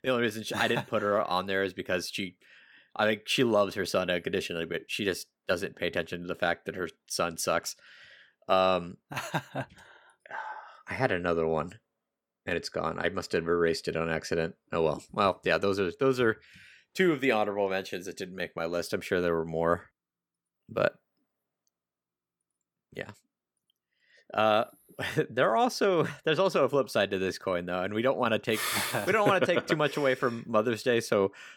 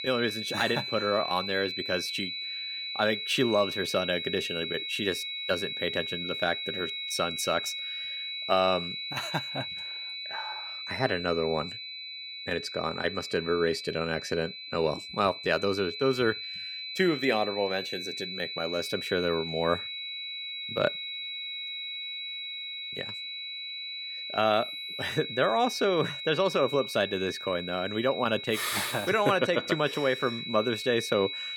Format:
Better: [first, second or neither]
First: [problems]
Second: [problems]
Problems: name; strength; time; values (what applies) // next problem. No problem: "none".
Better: first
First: none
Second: high-pitched whine; loud; throughout; 4 kHz, 5 dB below the speech